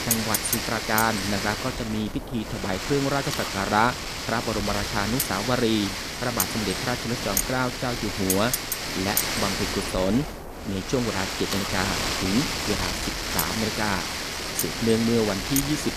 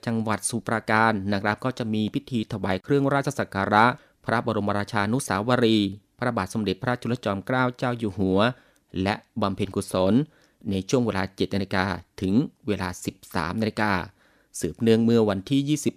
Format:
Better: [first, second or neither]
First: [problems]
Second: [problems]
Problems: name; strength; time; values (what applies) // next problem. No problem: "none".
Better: second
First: wind noise on the microphone; heavy; as loud as the speech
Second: none